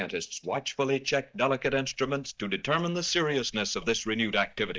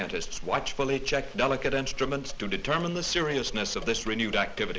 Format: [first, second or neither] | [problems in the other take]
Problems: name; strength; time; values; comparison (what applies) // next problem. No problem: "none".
second | noise reduction (neural mask model DeepFilterNet 3)